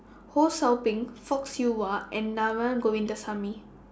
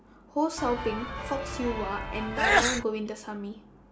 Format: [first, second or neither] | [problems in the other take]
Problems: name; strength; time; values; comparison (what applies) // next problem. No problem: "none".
first | background sound (Sneeze / Church bell); 3 dB above the speech